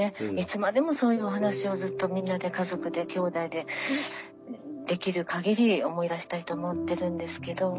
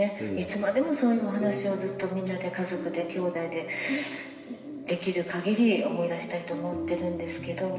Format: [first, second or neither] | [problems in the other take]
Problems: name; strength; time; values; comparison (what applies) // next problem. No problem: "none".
first | room echo; dies away in 2.1 s